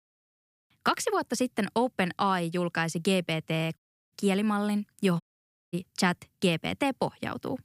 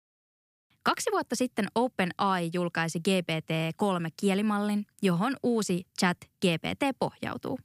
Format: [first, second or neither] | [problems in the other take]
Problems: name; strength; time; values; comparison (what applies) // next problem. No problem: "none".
second | audio cutting out; at 4 s and at 5 s for 0.5 s